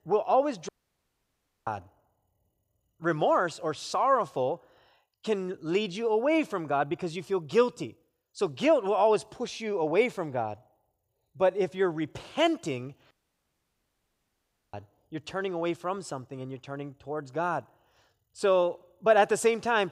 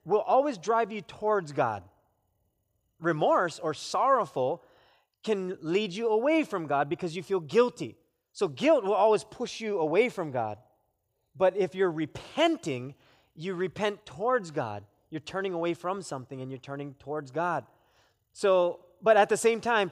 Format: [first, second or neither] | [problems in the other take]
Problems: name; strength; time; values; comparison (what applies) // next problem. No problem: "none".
second | audio cutting out; at 0.5 s for 1 s and at 13 s for 1.5 s